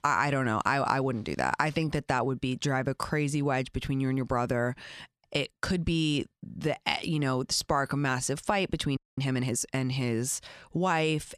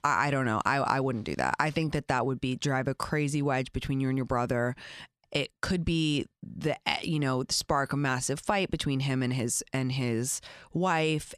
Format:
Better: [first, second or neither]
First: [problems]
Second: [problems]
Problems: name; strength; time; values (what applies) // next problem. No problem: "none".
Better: second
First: audio freezing; at 9 s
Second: none